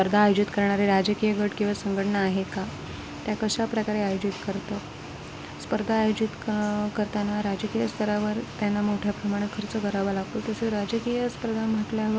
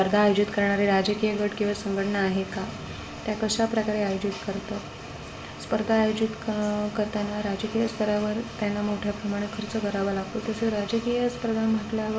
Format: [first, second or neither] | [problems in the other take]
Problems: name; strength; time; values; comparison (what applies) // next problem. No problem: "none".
first | room echo; dies away in 1.6 s